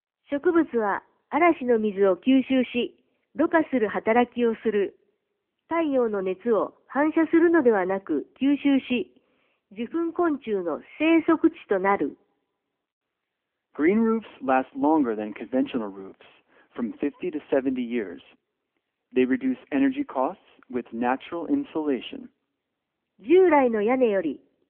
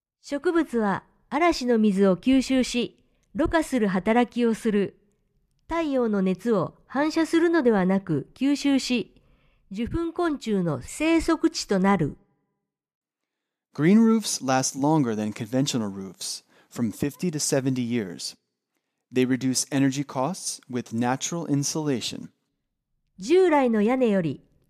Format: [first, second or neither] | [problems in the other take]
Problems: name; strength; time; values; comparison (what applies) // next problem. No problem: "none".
second | phone-call audio; nothing above 3 kHz